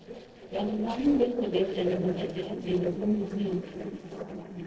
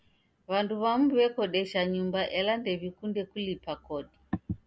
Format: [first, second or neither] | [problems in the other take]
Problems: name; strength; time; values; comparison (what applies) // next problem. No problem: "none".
second | noise reduction (neural separator model SepFormer DNS4)